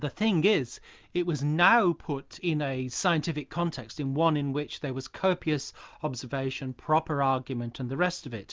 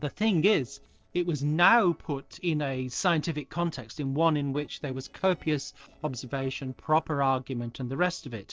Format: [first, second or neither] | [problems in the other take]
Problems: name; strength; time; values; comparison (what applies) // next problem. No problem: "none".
first | noise reduction (neural separator model SepFormer DNS4)